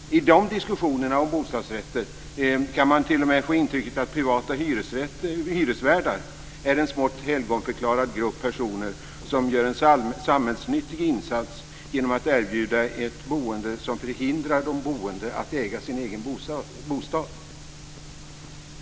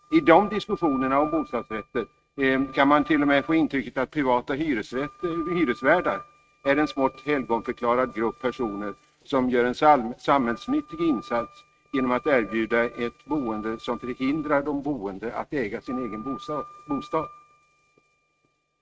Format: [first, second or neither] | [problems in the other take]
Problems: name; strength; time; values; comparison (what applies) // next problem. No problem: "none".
first | noise reduction (neural mask model RNNoise)